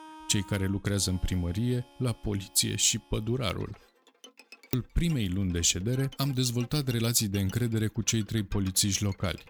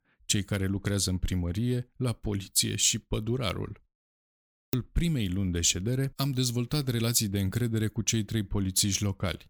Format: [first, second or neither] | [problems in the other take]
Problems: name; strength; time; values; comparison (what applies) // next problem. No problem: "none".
second | background music; faint; throughout; 25 dB below the speech